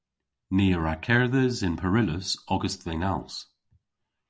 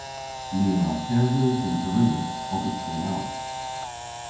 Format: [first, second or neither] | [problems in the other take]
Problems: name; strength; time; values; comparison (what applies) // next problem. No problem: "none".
first | background sound (Camera); 7 dB below the speech // room echo; dies away in 0.9 s